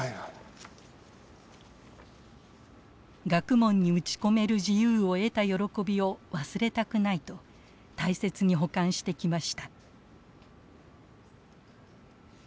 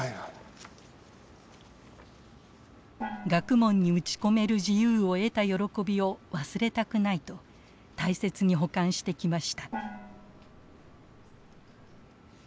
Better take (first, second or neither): first